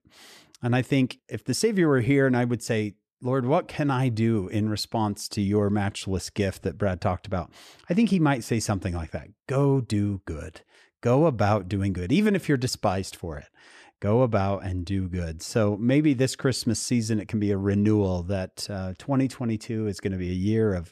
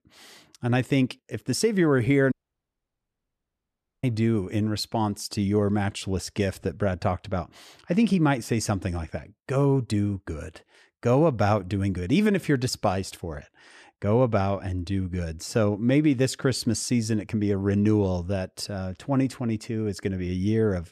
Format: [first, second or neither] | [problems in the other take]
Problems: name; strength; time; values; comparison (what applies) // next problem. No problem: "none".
first | audio cutting out; at 2.5 s for 1.5 s